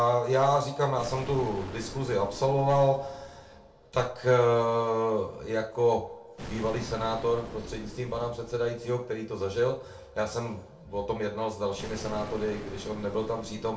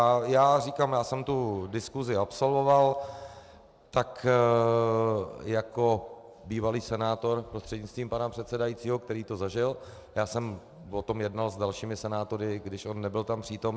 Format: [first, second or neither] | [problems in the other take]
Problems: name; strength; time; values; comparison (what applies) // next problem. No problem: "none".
second | background sound (Explosion); 16 dB below the speech // room echo; dies away in 0.3 s